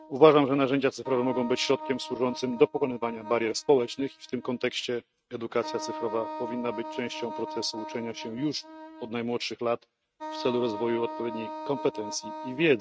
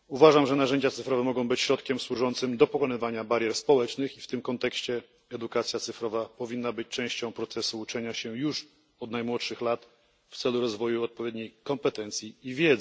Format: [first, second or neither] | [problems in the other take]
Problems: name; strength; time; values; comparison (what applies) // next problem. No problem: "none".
second | noise reduction (neural mask model RNNoise)